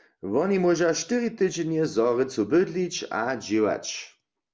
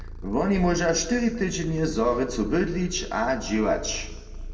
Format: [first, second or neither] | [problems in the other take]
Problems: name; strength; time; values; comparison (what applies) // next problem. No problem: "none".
first | background sound (Purr); 11 dB below the speech // room echo; dies away in 1.1 s